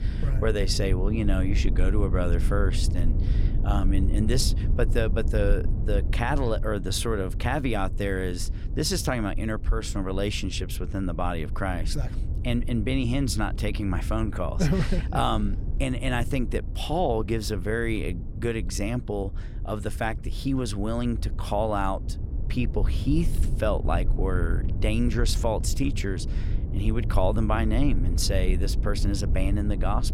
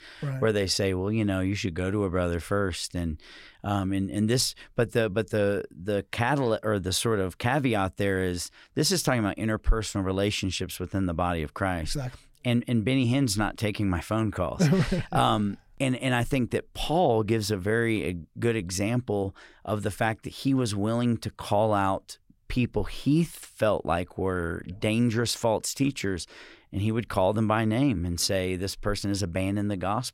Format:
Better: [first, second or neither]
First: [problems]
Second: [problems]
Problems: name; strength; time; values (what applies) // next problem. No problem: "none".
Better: second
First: low rumble; noticeable; throughout; 15 dB below the speech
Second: none